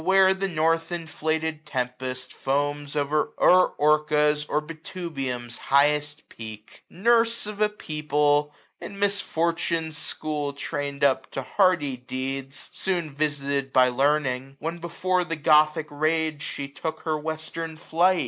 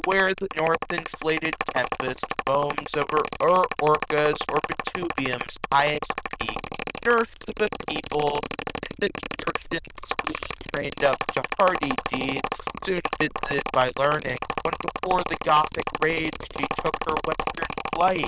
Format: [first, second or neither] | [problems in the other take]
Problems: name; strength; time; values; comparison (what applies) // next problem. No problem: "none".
first | noise reduction (neural diffusion model UNIVERSE++)